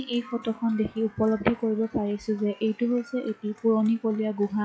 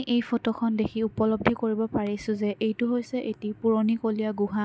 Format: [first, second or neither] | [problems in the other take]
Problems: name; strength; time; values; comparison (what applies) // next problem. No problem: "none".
second | noise reduction (classical method log-MMSE)